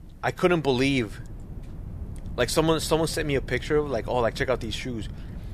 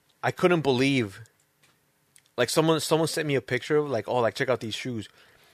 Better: second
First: wind noise on the microphone; occasional gusts; 25 dB below the speech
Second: none

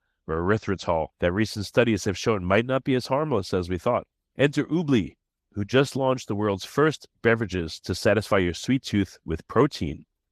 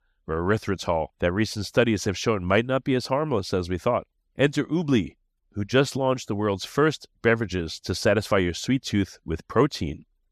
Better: second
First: garbled, watery; slightly; nothing above 14.5 kHz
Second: none

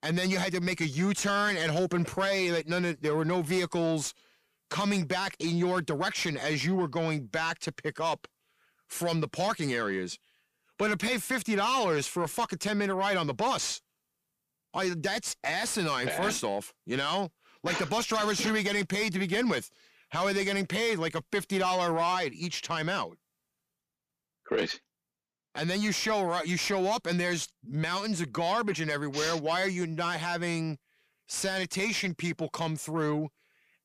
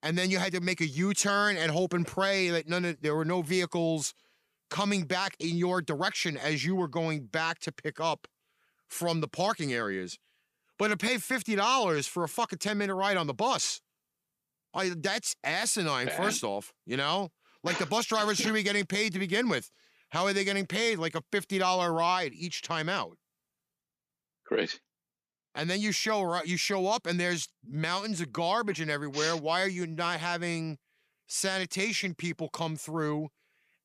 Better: second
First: distortion; slight; 10 dB below the speech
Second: none

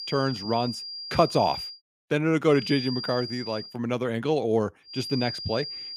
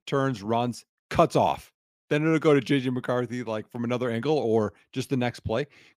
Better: second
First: high-pitched whine; loud; until 1.5 s, from 2.5 to 3.5 s and from 5 s on; 5 kHz, 8 dB below the speech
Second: none

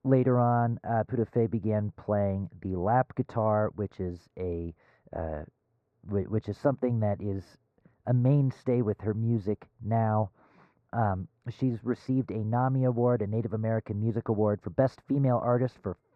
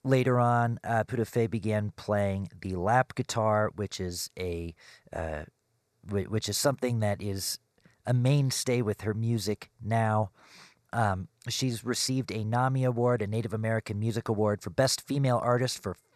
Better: second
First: muffled; very; fading above 3 kHz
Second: none

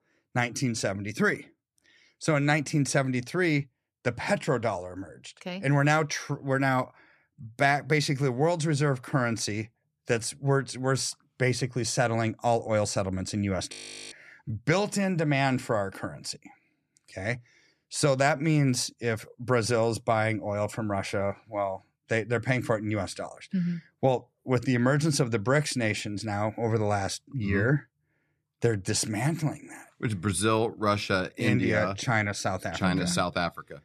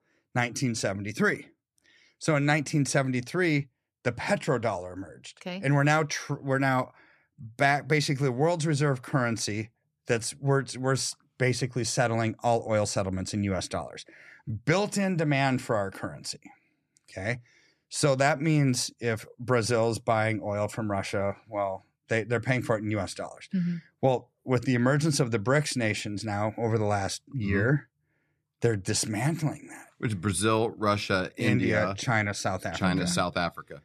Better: second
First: audio freezing; at 14 s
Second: none

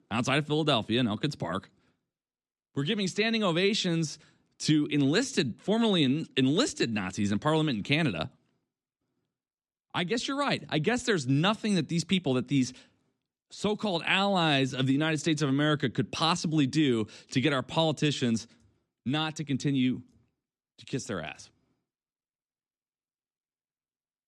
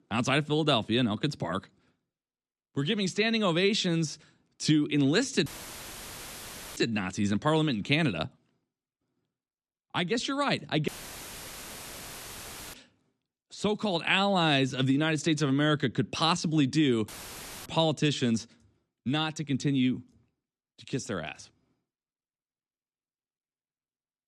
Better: first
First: none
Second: audio cutting out; filled with static; at 5.5 s for 1.5 s, at 11 s for 2 s and at 17 s for 0.5 s

